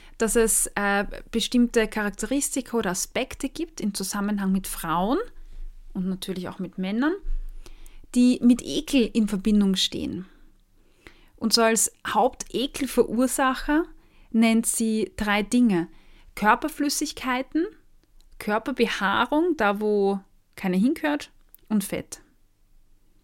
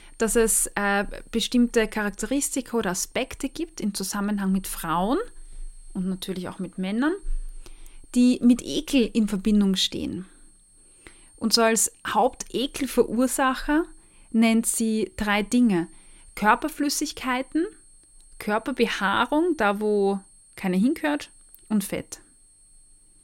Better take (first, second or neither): first